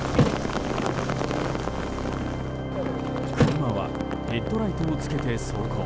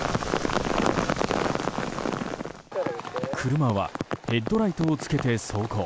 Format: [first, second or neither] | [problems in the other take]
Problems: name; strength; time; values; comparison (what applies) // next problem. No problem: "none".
second | background sound (Thump, thud + Organ); 2 dB above the speech